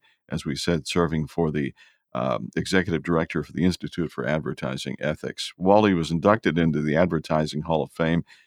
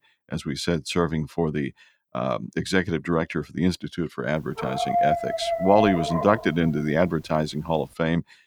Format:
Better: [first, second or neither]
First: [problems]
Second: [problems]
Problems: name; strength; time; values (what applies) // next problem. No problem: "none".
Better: first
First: none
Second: dog barking; loud; from 4.5 to 6.5 s; peak 3 dB above the speech